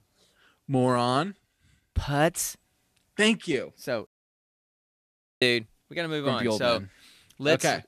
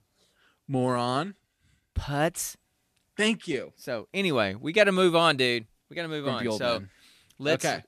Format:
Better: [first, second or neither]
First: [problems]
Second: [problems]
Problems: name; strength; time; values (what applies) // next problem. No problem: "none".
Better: second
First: audio cutting out; at 4 s for 1.5 s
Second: none